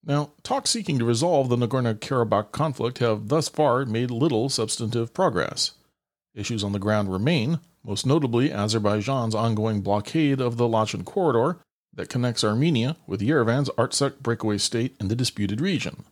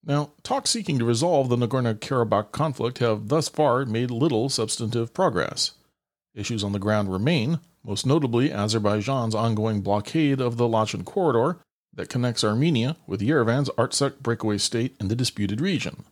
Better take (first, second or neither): neither